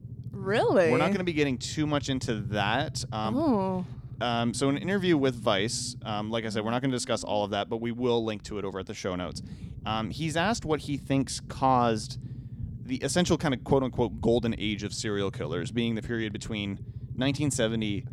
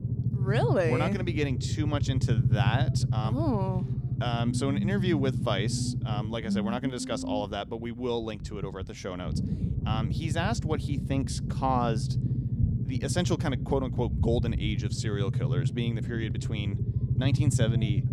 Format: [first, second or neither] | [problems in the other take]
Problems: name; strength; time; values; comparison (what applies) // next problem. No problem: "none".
first | low rumble; loud; throughout; 7 dB below the speech; faint in the first